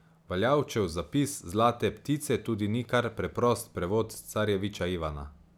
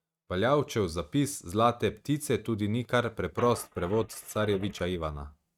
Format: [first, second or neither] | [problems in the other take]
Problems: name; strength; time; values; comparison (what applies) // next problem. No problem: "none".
first | noise reduction (neural mask model RNNoise)